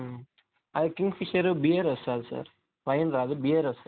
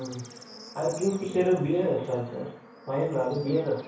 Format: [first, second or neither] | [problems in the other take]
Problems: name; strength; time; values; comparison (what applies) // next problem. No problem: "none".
first | background sound (Bird / Insect / Frog); 19 dB below the speech // room echo; dies away in 0.6 s